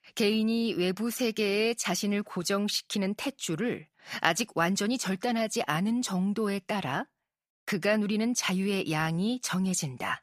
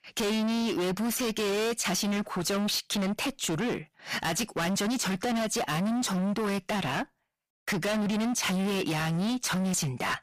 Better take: first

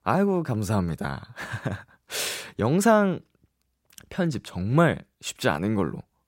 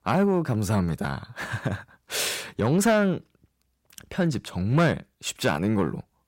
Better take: first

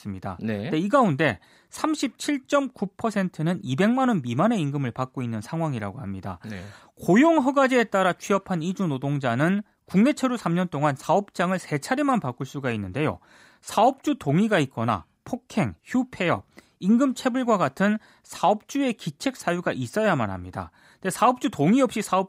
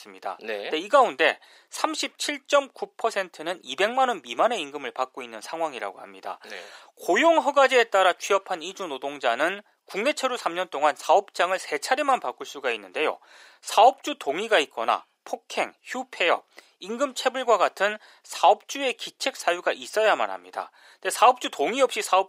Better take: first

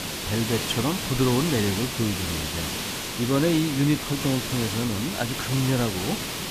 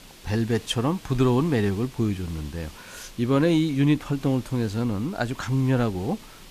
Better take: second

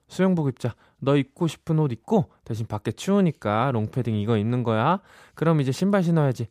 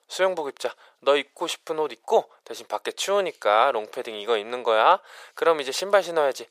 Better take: first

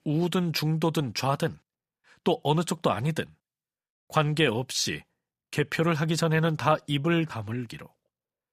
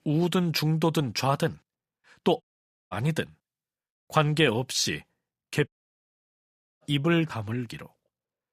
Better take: first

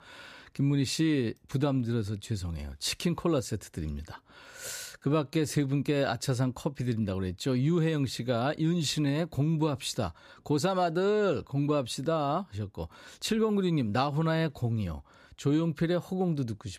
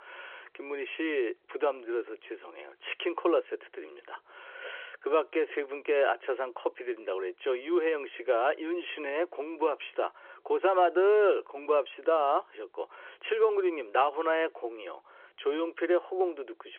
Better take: first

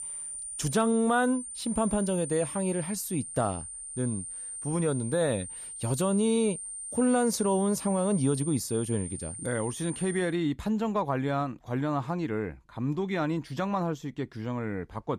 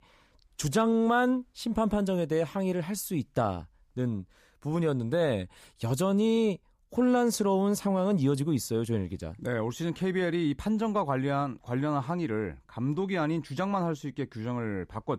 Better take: second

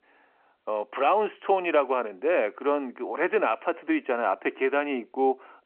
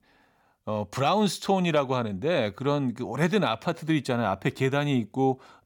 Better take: second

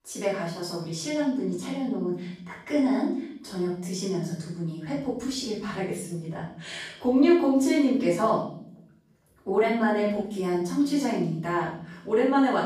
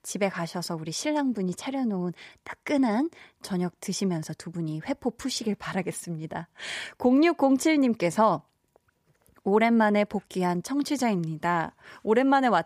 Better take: second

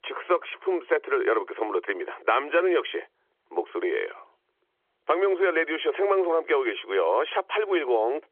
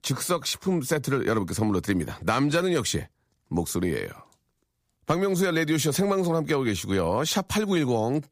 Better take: second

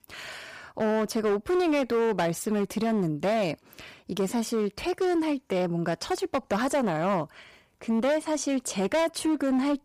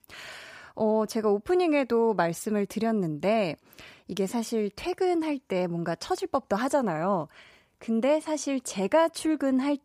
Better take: second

